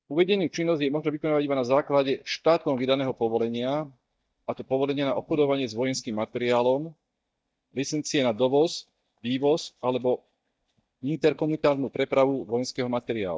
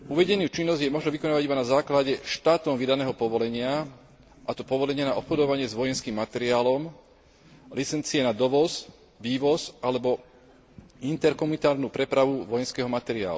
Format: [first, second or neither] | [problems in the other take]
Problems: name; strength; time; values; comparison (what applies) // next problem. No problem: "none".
second | noise reduction (neural mask model DeepFilterNet 3)